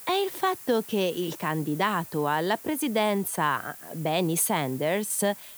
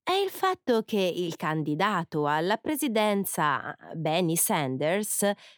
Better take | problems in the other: second | hiss; noticeable; throughout; 15 dB below the speech

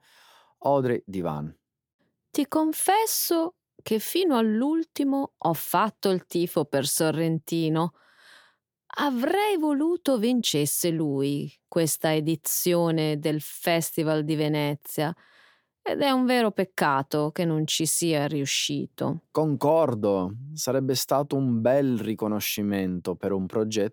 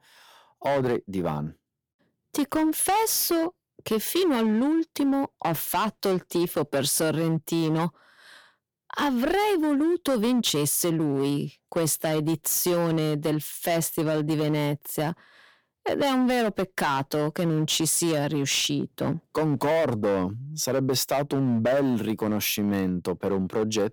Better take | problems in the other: first | distortion; slight; 12% of the sound clipped

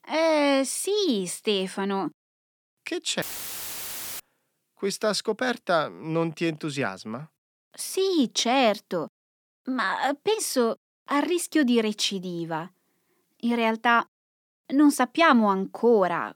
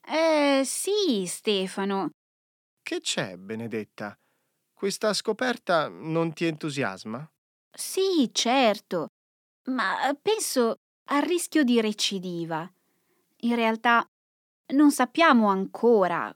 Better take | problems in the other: second | audio cutting out; filled with static; at 3 s for 1 s

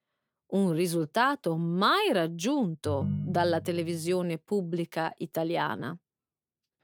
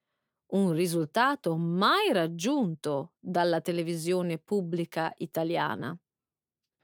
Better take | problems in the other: second | phone ringing; noticeable; from 3 to 4 s; peak 3 dB below the speech

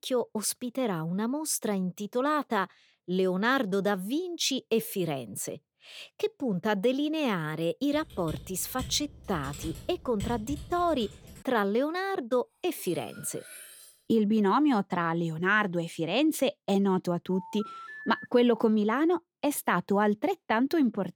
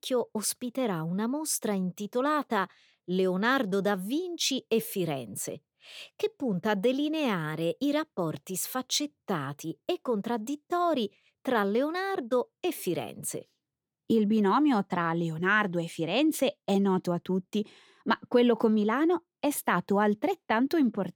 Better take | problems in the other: second | keyboard typing; faint; from 8 to 11 s; peak 10 dB below the speech // clattering dishes; faint; from 13 to 14 s; peak 15 dB below the speech // phone ringing; faint; at 17 s; peak 10 dB below the speech

